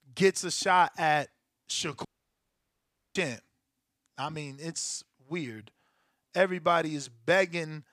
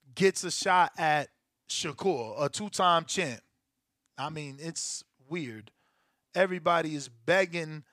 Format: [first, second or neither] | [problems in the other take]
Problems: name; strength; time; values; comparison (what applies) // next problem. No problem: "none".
second | audio cutting out; at 2 s for 1 s